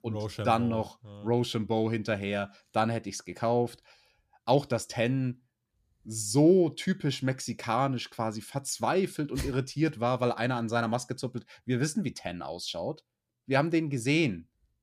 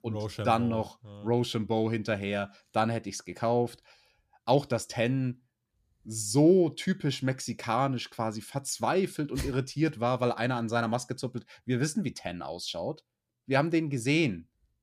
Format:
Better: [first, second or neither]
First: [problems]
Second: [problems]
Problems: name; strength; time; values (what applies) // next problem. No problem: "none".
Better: neither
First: none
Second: none